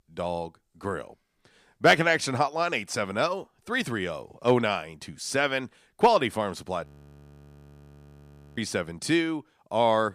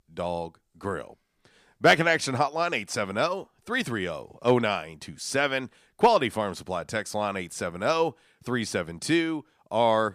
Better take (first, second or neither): second